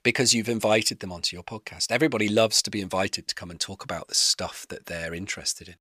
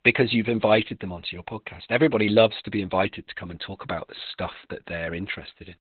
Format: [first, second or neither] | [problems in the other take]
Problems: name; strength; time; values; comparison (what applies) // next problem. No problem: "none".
first | garbled, watery; badly; nothing above 4 kHz